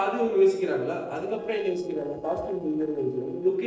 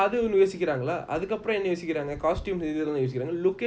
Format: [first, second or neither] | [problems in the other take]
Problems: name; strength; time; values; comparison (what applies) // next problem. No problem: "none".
second | noise reduction (neural separator model SepFormer DNS4)